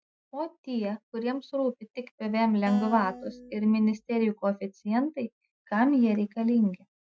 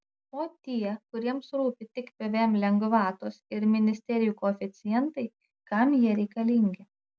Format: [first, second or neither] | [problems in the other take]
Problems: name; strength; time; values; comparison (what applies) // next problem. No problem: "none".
second | noise reduction (classical method Wiener filter)